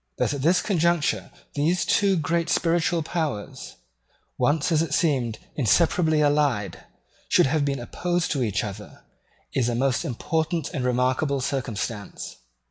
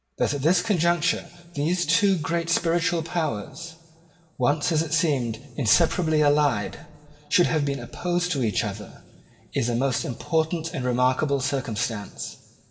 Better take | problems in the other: first | room echo; dies away in 1.5 s

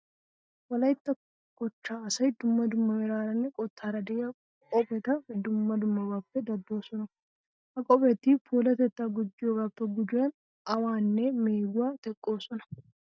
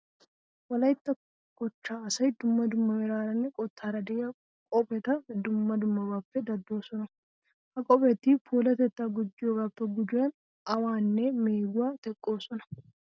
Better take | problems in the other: second | noise reduction (neural mask model DeepFilterNet 3)

